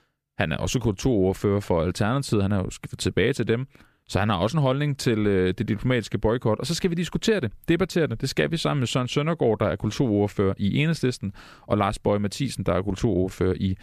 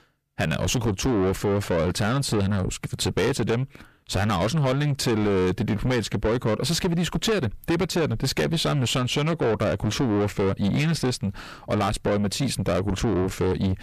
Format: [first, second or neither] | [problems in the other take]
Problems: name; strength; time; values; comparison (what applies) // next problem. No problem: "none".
first | distortion; heavy; 7 dB below the speech